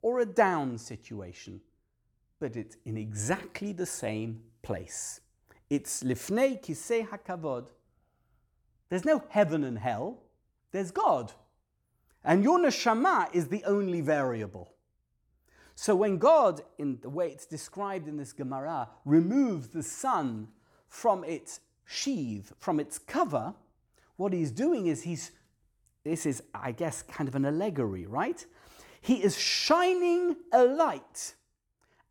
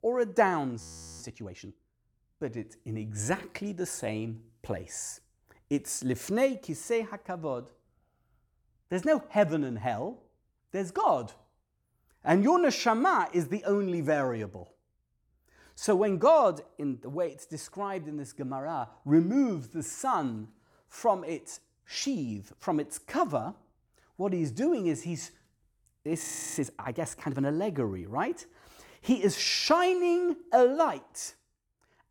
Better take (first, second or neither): first